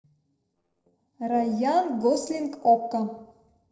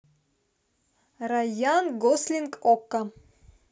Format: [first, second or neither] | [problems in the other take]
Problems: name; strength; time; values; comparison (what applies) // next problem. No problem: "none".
second | noise reduction (neural separator model SepFormer DNS4)